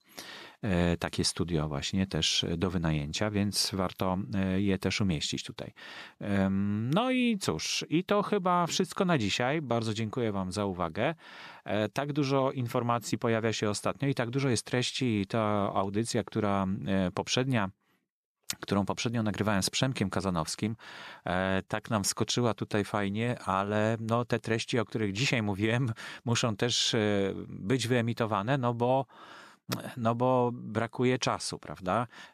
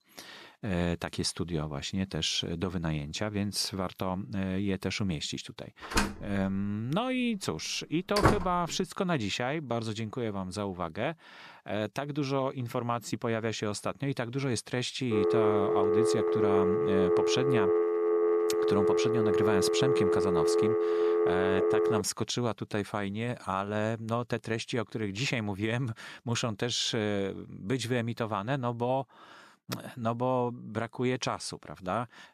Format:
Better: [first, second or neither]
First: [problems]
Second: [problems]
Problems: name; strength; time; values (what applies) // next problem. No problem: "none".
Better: first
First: none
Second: door banging; loud; from 6 to 8.5 s; peak 5 dB above the speech // phone ringing; loud; from 15 to 22 s; peak 6 dB above the speech